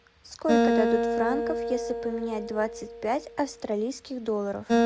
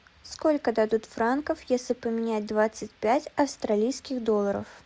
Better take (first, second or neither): second